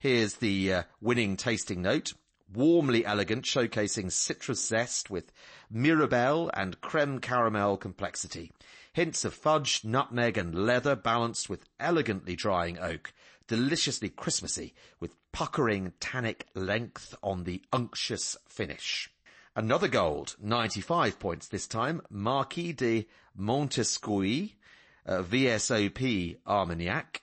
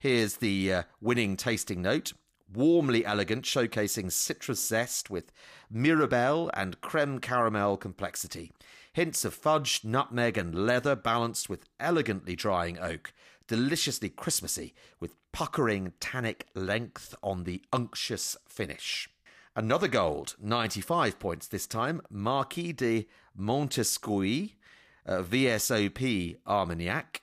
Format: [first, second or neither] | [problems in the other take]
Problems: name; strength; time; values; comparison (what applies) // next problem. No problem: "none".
second | garbled, watery; slightly; nothing above 8 kHz